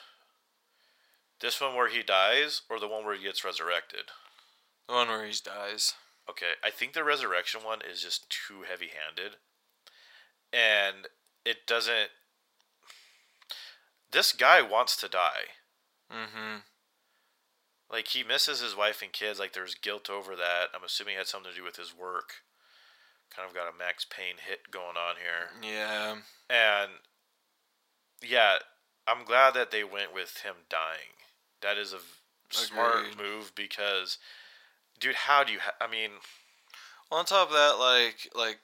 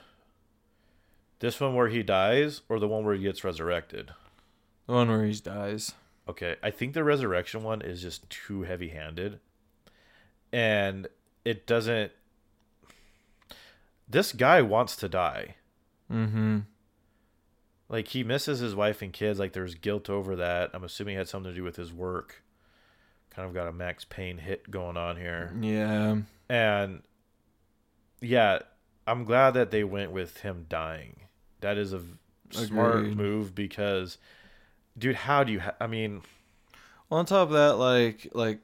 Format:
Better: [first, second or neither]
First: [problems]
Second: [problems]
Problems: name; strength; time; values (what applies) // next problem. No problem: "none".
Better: second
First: thin; very; fading below 850 Hz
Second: none